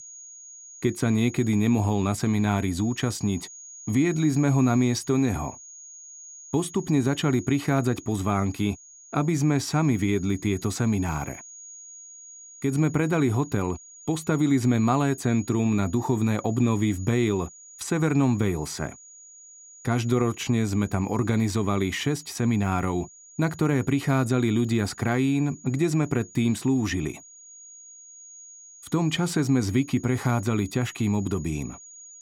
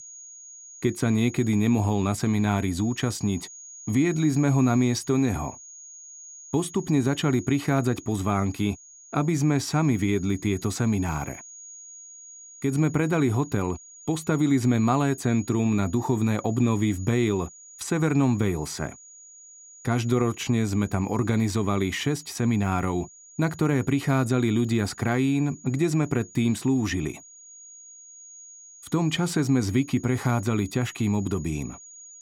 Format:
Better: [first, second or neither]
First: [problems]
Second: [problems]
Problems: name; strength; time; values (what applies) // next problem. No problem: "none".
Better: neither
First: high-pitched whine; noticeable; throughout; 6.5 kHz, 20 dB below the speech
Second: high-pitched whine; noticeable; throughout; 6.5 kHz, 20 dB below the speech